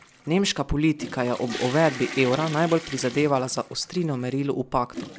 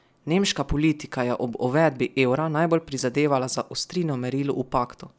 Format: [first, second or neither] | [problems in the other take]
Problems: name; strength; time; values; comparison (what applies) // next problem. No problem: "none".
second | background sound (Toilet flush / Water); 14 dB below the speech